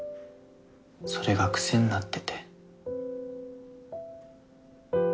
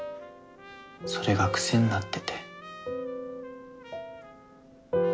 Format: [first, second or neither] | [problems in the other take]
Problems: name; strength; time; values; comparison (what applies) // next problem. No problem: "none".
first | background sound (Trumpet); 18 dB below the speech